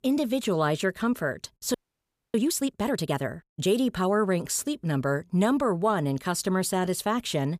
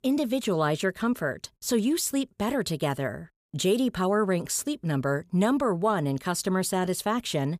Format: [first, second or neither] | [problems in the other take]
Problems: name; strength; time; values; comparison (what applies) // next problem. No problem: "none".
second | audio freezing; at 1.5 s for 0.5 s